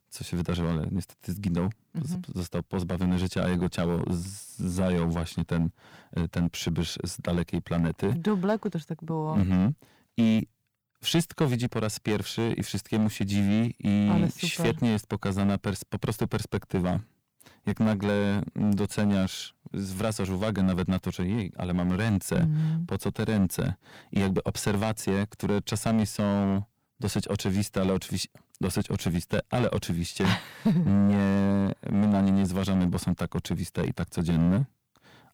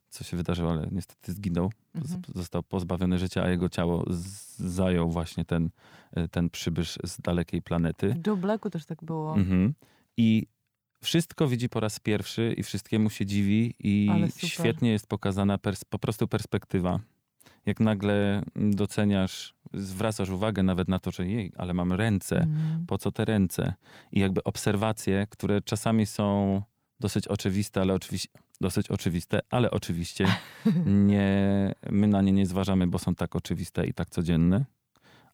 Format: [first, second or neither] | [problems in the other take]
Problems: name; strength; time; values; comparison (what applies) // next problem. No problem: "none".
second | distortion; slight; 5% of the sound clipped